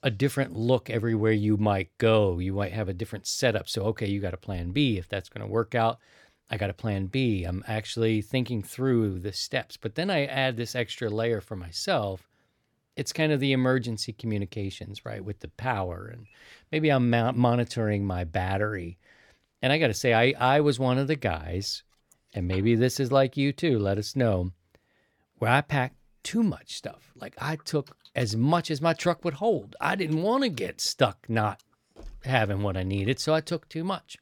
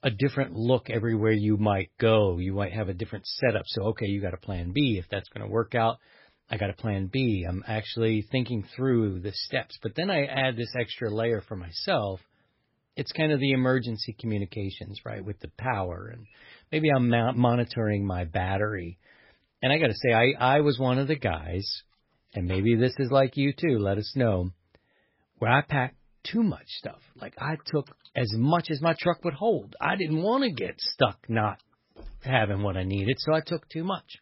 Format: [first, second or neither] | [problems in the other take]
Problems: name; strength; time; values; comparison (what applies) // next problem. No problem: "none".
first | garbled, watery; badly; nothing above 5.5 kHz